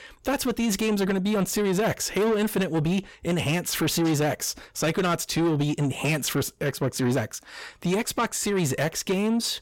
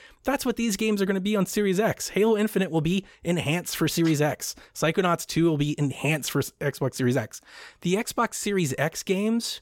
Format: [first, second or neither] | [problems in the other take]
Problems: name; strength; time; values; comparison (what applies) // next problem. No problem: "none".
second | distortion; slight; 10 dB below the speech